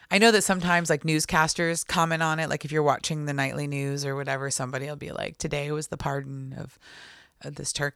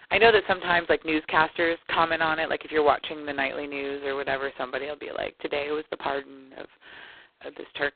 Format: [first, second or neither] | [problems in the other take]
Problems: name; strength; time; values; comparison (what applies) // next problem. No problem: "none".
first | phone-call audio; poor line; nothing above 4 kHz